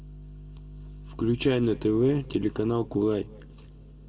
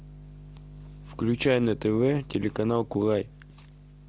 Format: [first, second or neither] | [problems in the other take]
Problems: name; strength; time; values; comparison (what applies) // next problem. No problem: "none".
second | room echo; dies away in 2.2 s